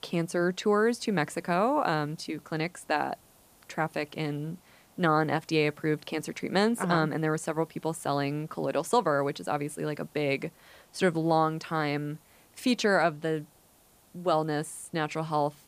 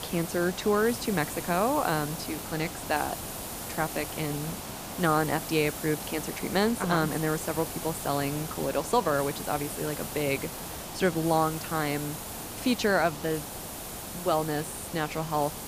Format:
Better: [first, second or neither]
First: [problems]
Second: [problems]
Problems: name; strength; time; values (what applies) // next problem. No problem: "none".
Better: first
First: hiss; faint; throughout; 30 dB below the speech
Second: hiss; loud; throughout; 7 dB below the speech